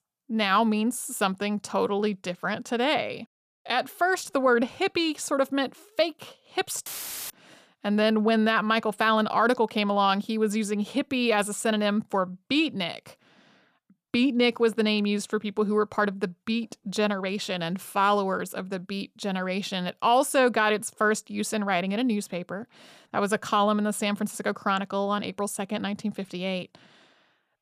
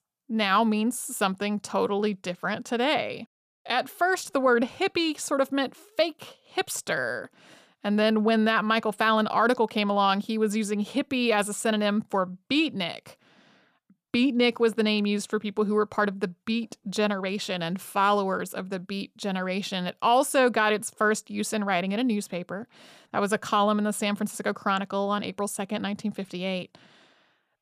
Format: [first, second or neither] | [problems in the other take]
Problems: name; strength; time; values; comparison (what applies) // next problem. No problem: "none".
second | audio cutting out; filled with static; at 7 s